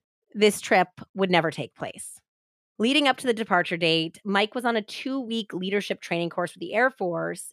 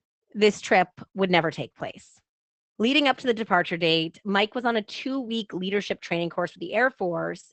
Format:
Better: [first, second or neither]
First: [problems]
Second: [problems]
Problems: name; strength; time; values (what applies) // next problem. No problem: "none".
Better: first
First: none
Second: garbled, watery; badly; nothing above 8 kHz